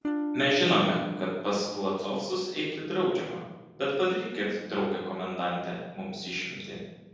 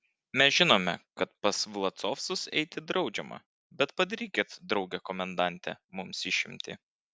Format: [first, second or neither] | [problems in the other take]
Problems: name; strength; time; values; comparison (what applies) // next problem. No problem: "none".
second | background sound (Electric guitar / Strum); 4 dB below the speech // room echo; dies away in 1.3 s